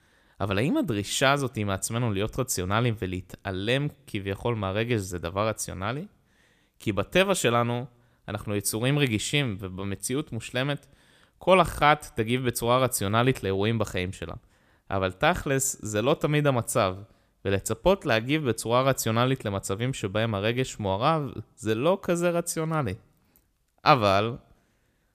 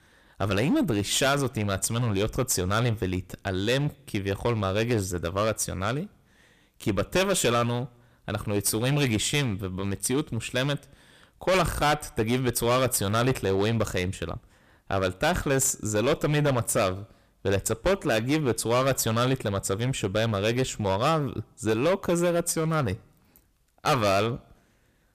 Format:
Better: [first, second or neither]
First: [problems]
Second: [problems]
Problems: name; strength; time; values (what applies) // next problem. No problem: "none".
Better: first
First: none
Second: distortion; heavy; 9% of the sound clipped